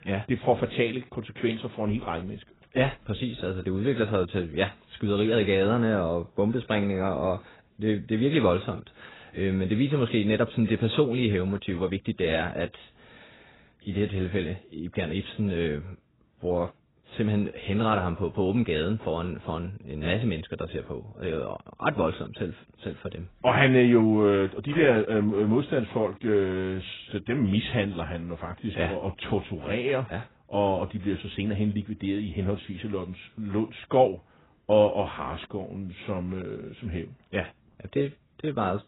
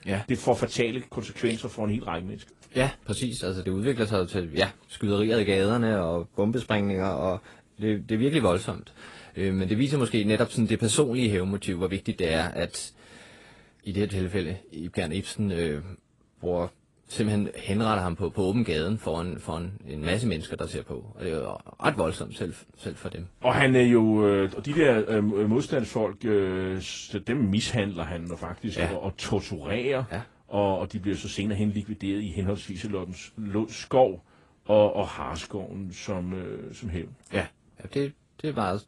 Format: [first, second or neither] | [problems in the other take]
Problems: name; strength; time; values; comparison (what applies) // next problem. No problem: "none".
second | garbled, watery; badly; nothing above 4 kHz; slightly in the second